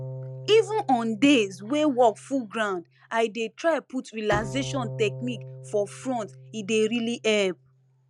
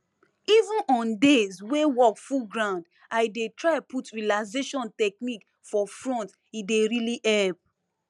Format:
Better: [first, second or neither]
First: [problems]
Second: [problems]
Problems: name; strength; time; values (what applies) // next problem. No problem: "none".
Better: second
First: background sound (Bowed string instrument); 14 dB below the speech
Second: none